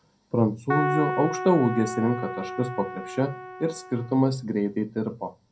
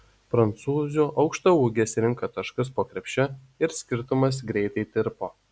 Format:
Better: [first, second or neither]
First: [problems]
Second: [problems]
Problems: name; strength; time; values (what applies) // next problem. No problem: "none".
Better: second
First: background sound (Keyboard (musical)); 6 dB below the speech // room echo; dies away in 0.3 s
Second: none